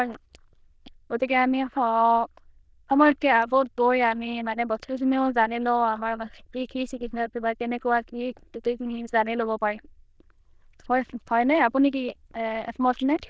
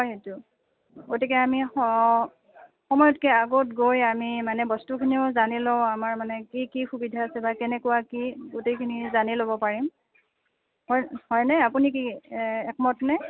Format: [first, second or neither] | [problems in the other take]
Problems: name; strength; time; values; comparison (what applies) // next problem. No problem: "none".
second | noise reduction (neural diffusion model UNIVERSE++)